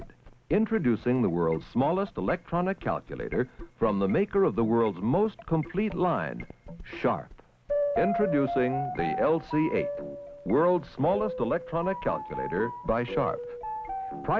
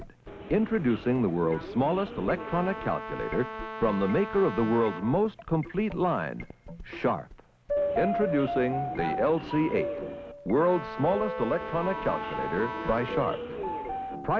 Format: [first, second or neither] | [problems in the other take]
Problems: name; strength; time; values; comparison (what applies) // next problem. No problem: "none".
first | background sound (Brass instrument + Subway, metro, underground); 11 dB below the speech